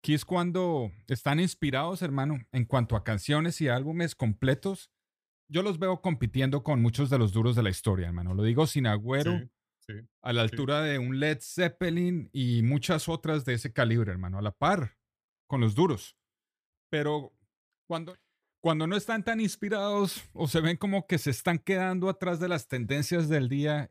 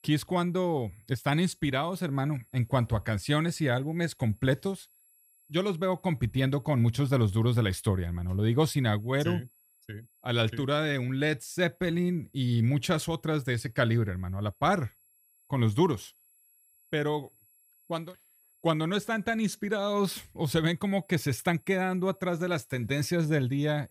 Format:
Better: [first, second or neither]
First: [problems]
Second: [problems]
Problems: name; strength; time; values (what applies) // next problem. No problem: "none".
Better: first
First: none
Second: high-pitched whine; faint; throughout; 11.5 kHz, 30 dB below the speech